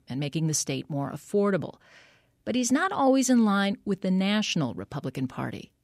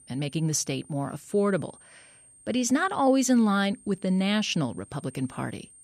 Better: first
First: none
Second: high-pitched whine; faint; throughout; 8.5 kHz, 25 dB below the speech

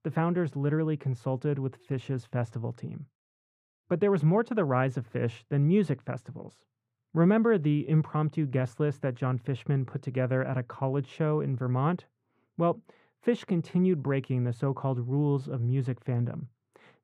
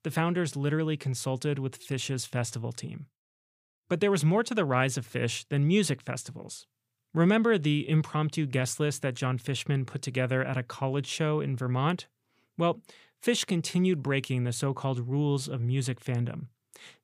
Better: second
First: muffled; very; fading above 2.5 kHz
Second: none

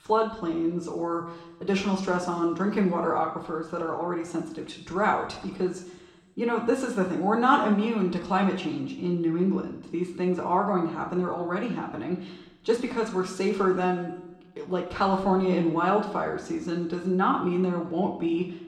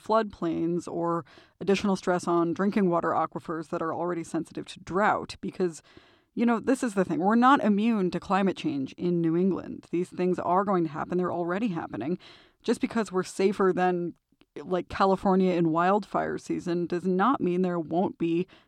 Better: second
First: room echo; slight; dies away in 0.9 s // off-mic speech; somewhat distant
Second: none

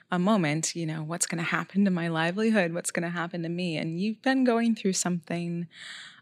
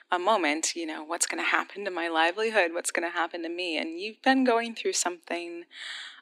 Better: first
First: none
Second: thin; somewhat; fading below 250 Hz

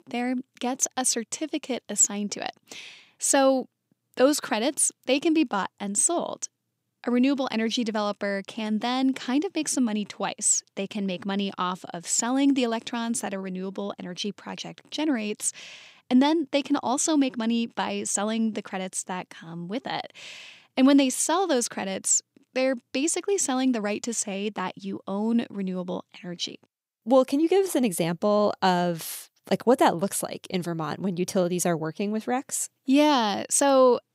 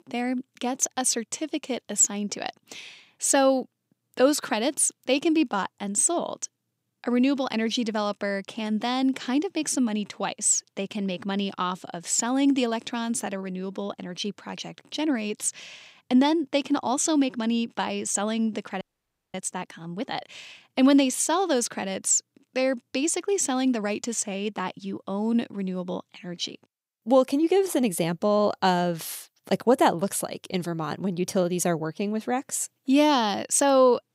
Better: first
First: none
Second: audio freezing; at 19 s for 0.5 s

